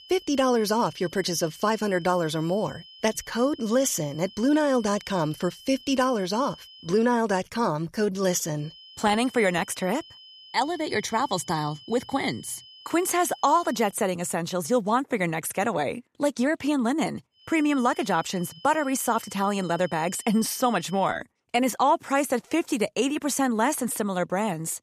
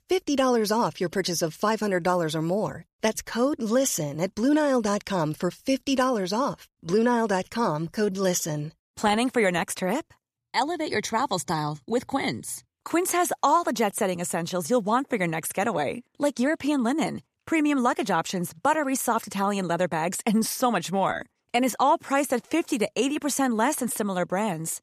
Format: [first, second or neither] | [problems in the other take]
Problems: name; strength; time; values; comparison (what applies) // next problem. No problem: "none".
second | high-pitched whine; faint; until 7 s, from 8.5 to 14 s and from 17 to 21 s; 3 kHz, 20 dB below the speech